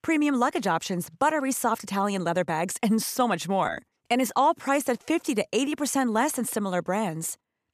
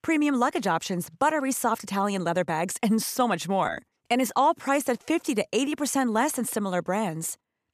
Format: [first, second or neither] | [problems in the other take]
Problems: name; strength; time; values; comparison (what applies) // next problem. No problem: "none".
neither | none